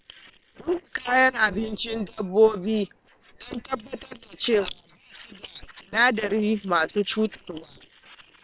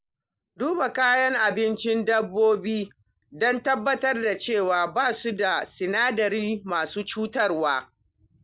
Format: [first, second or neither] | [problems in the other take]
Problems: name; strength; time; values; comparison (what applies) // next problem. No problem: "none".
second | noise reduction (neural separator model SepFormer WHAM!)